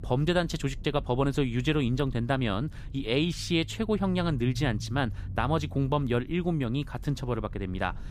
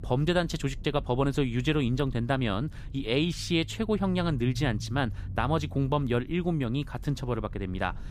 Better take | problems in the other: neither | low rumble; faint; throughout; 25 dB below the speech; the same in both

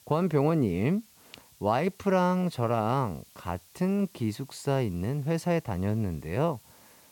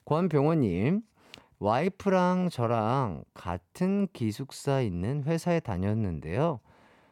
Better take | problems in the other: second | hiss; faint; throughout; 25 dB below the speech

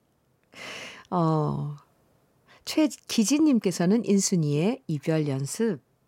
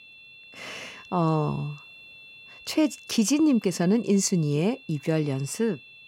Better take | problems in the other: first | high-pitched whine; faint; throughout; 2.5 kHz, 20 dB below the speech

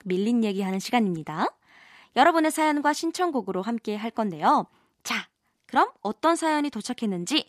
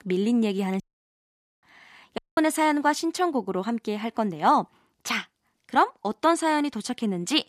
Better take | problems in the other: first | audio cutting out; at 1 s for 1 s and at 2 s

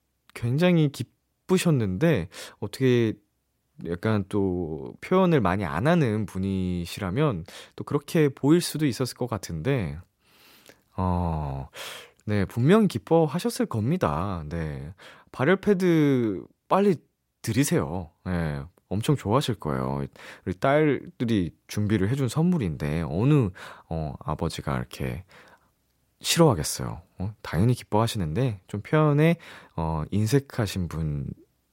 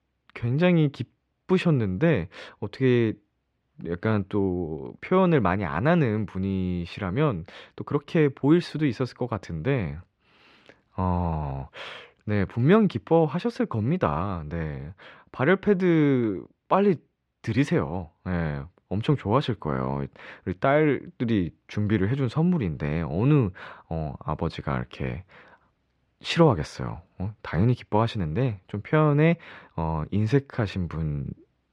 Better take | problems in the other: first | muffled; slightly; fading above 2.5 kHz

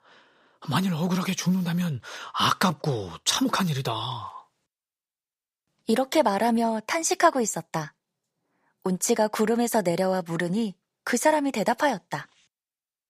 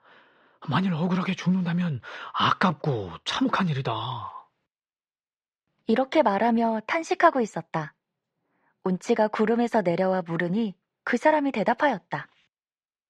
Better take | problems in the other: first | muffled; slightly; fading above 2.5 kHz

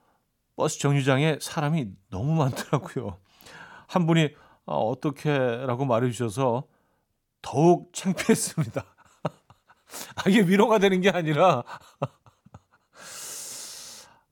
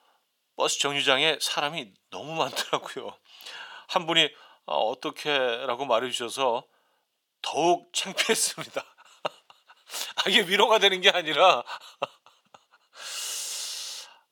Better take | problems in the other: first | thin; very; fading below 550 Hz

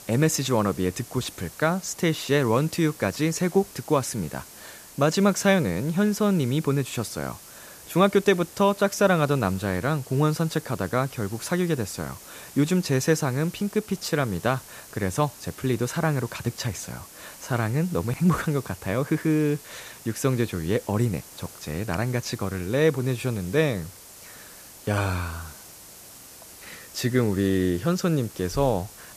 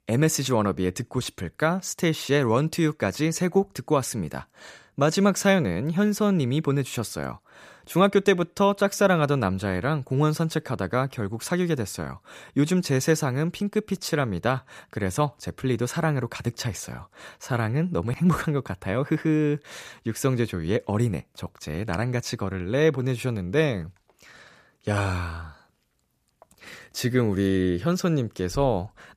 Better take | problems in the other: second | hiss; noticeable; throughout; 20 dB below the speech

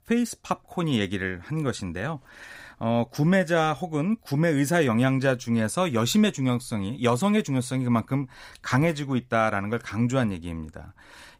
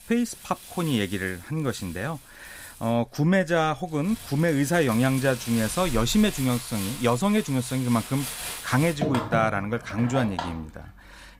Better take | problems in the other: first | household noises; loud; throughout; 10 dB below the speech

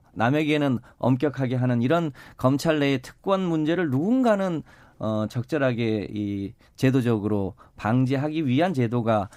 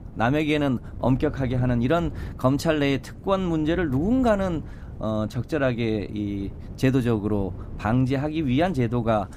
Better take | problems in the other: first | wind noise on the microphone; occasional gusts; 20 dB below the speech

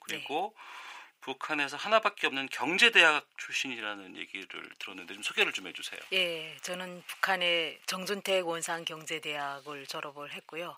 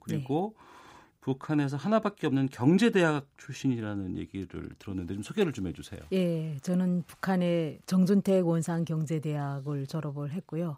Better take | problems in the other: second | thin; very; fading below 800 Hz

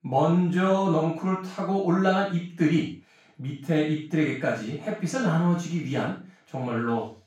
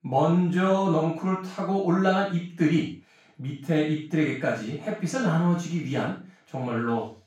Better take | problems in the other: neither | room echo; noticeable; dies away in 0.4 s; the same in both // off-mic speech; far; the same in both

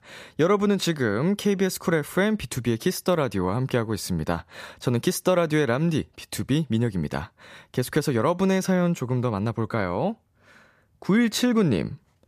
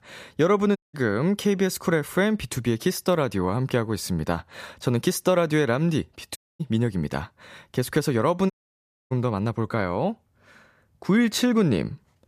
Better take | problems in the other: first | audio cutting out; at 1 s, at 6.5 s and at 8.5 s for 0.5 s

